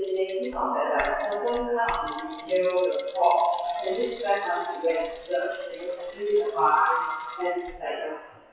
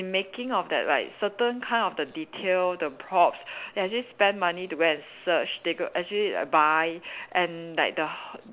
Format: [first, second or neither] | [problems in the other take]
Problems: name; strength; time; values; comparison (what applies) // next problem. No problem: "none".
second | noise reduction (classical method WPE with log-MMSE)